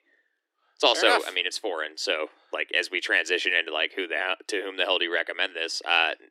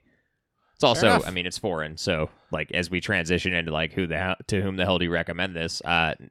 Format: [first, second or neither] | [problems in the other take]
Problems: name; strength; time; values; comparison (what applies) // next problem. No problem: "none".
second | thin; very; fading below 300 Hz